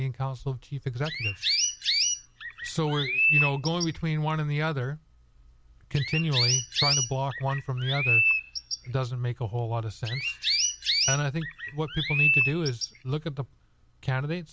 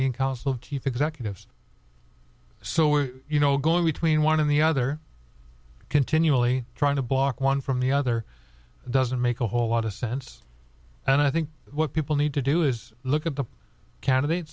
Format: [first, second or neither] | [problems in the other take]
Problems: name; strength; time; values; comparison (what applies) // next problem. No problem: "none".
second | background sound (Chirp, tweet); 2 dB above the speech